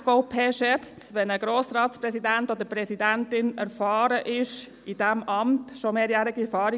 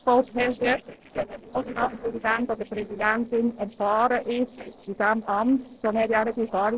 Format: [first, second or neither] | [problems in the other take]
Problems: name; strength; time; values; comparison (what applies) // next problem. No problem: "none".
first | noise reduction (neural separator model SepFormer DNS4)